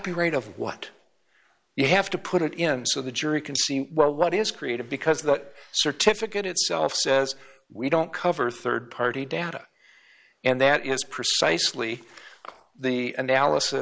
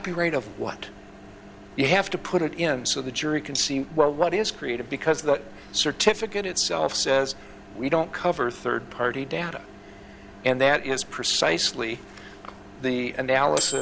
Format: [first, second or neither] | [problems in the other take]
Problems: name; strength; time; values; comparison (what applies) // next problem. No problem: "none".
first | background sound (Microwave oven); 16 dB below the speech